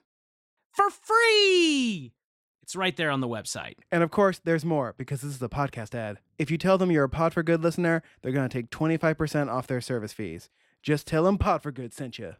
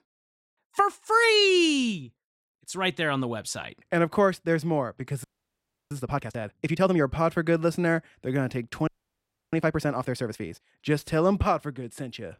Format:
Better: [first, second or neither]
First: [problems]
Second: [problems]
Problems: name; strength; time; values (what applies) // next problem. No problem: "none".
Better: first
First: none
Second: audio freezing; at 5 s for 0.5 s and at 9 s for 0.5 s